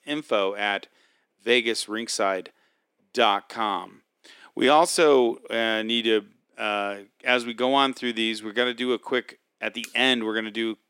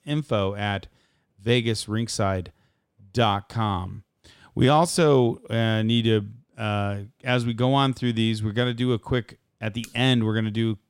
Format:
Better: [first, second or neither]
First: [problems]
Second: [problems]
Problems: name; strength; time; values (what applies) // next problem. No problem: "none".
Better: second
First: thin; somewhat; fading below 300 Hz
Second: none